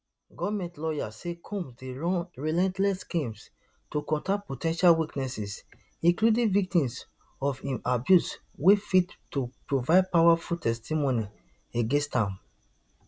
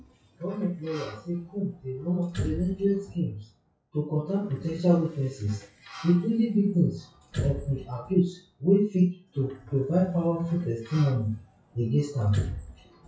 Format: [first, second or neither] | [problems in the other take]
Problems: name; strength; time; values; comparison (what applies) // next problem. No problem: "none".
first | noise reduction (classical method WPE with log-MMSE)